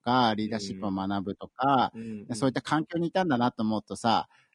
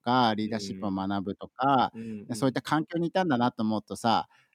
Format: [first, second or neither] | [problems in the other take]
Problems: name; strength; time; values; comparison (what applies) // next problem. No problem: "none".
second | garbled, watery; slightly; nothing above 10 kHz